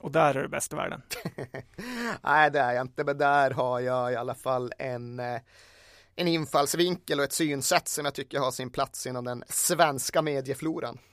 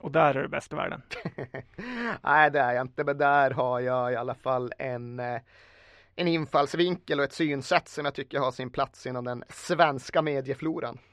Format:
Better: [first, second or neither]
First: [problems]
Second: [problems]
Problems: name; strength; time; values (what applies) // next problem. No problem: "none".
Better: first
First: none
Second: muffled; slightly; fading above 3 kHz